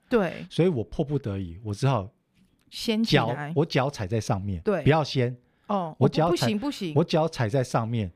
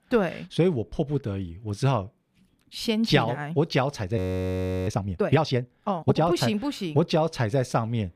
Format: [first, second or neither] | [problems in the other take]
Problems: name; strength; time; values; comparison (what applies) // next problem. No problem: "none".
first | audio freezing; at 4 s for 0.5 s